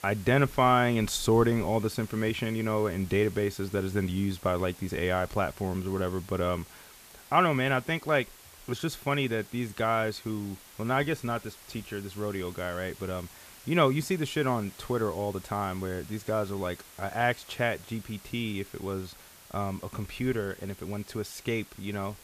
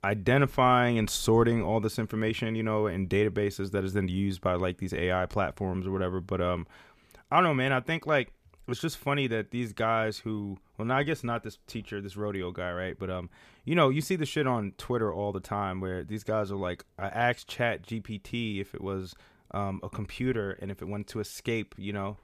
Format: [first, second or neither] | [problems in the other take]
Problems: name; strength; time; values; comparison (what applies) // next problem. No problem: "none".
second | hiss; noticeable; throughout; 20 dB below the speech